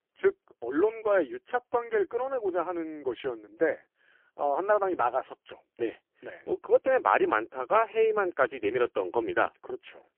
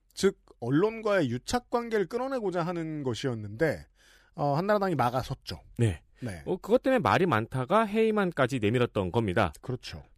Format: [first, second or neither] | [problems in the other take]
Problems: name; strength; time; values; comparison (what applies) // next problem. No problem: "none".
second | phone-call audio; poor line; nothing above 3 kHz